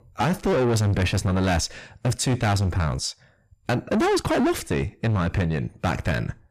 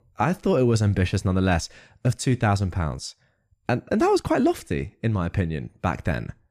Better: second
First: distortion; heavy; 7 dB below the speech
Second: none

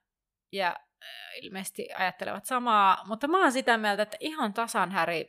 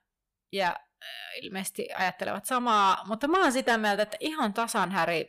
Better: first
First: none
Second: distortion; slight; 10 dB below the speech

